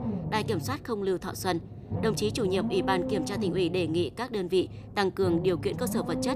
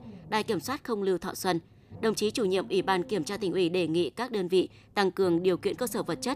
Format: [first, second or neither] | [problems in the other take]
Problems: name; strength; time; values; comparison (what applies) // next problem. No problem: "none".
second | low rumble; loud; throughout; 9 dB below the speech; faint in the second